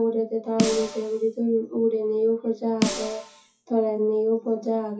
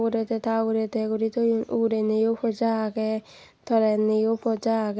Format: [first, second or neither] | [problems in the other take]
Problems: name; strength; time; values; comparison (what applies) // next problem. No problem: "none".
second | noise reduction (classical method WPE with log-MMSE)